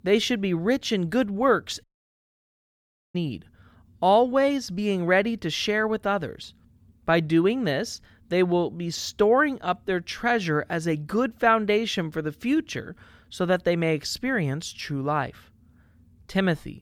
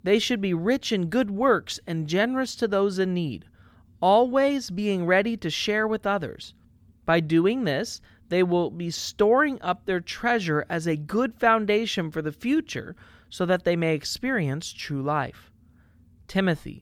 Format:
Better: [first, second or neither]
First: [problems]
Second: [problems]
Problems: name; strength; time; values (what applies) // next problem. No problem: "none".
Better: second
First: audio cutting out; at 2 s for 1.5 s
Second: none